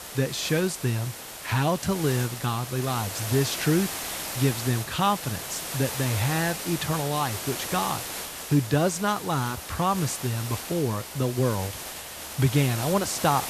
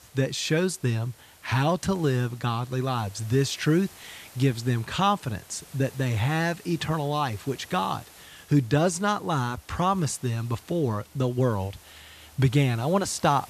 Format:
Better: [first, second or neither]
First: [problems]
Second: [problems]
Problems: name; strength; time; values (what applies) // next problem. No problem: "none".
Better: second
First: hiss; loud; throughout; 6 dB below the speech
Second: hiss; faint; throughout; 25 dB below the speech